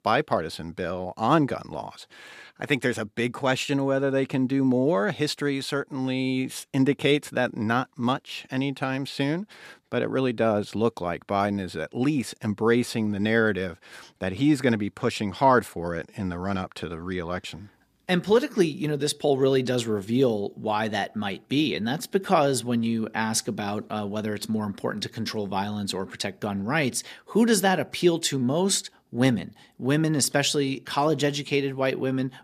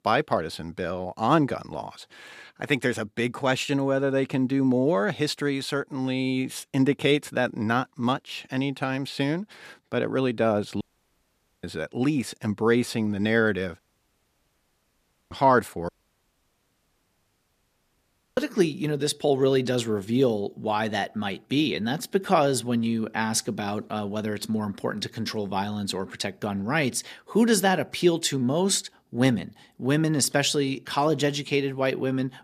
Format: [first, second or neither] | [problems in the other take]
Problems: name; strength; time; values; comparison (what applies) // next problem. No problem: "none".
first | audio cutting out; at 11 s for 1 s, at 14 s for 1.5 s and at 16 s for 2.5 s